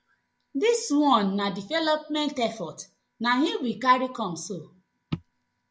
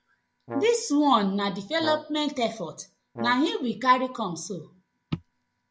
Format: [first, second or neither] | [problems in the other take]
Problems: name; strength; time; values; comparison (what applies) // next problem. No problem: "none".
first | background sound (Brass instrument); 14 dB below the speech